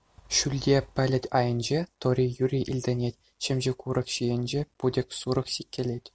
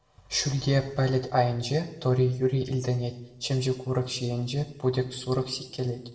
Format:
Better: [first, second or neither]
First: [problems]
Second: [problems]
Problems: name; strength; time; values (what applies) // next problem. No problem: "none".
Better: first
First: none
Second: room echo; dies away in 0.7 s